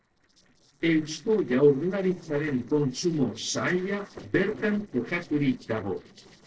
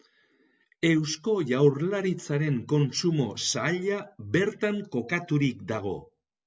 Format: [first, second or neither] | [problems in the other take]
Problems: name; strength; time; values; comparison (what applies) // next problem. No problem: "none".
second | noise reduction (neural separator model SepFormer DNS4)